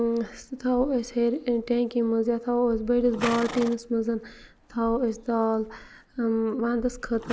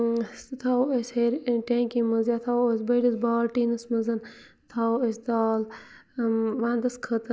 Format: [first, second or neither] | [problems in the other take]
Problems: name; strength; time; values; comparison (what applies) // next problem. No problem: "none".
second | background sound (Livestock, farm animals, working animals); 15 dB below the speech